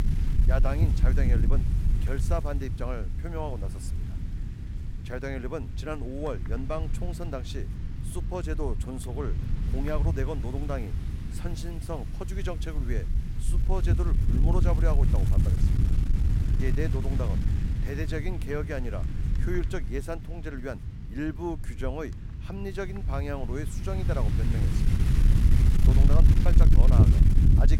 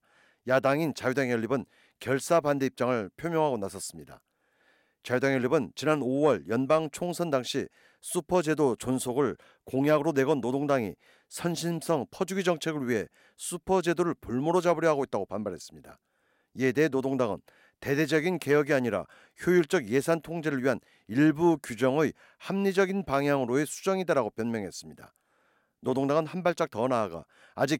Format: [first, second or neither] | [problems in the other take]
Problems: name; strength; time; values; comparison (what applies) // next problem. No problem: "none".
second | wind noise on the microphone; heavy; 4 dB below the speech